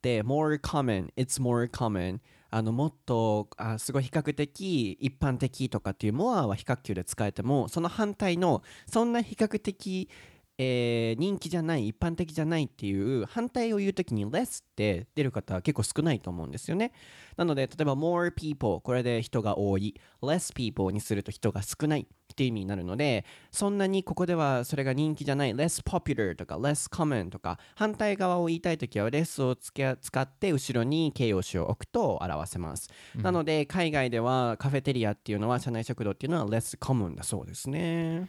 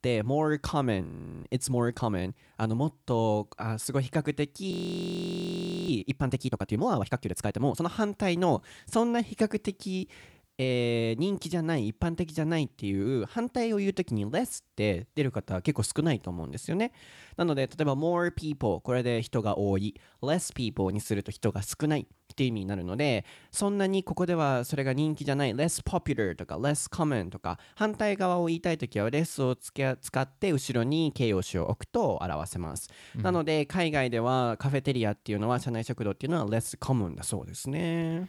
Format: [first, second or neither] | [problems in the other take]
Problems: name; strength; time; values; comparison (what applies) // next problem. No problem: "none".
first | audio freezing; at 1 s and at 4.5 s for 1 s